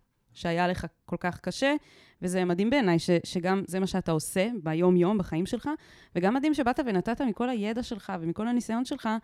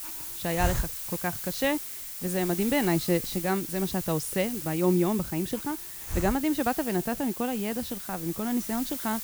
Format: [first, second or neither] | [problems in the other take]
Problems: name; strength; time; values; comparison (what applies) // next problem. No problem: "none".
first | hiss; loud; throughout; 5 dB below the speech